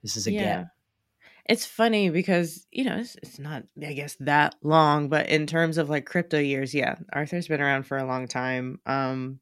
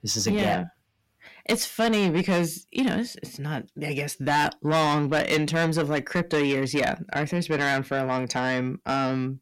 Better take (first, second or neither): first